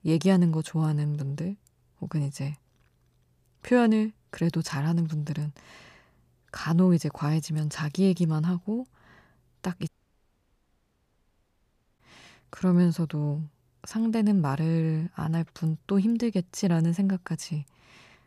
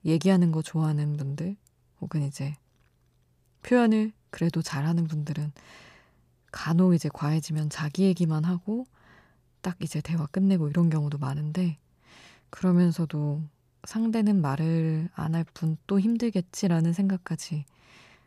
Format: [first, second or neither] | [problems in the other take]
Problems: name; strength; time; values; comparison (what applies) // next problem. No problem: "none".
second | audio cutting out; at 10 s for 2 s